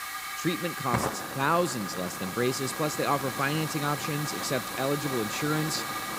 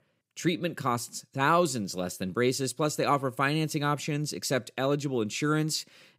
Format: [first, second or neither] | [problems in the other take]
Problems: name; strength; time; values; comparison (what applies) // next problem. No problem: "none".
second | hiss; loud; throughout; 3 dB below the speech